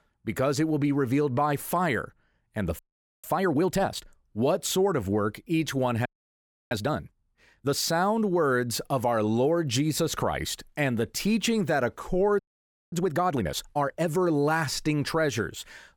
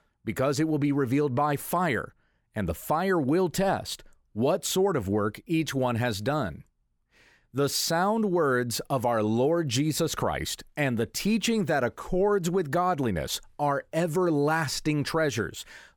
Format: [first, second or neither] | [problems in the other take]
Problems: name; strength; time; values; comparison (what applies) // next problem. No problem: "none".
second | audio freezing; at 3 s, at 6 s for 0.5 s and at 12 s for 0.5 s